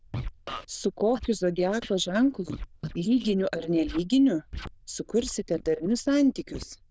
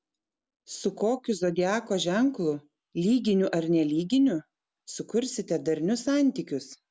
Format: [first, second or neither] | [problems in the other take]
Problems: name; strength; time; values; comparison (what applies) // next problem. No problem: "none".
second | noise reduction (neural diffusion model UNIVERSE++)